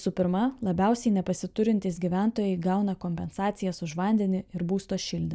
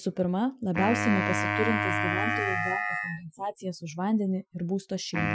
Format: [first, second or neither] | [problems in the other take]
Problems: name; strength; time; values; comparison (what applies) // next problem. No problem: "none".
first | noise reduction (classical method Wiener filter)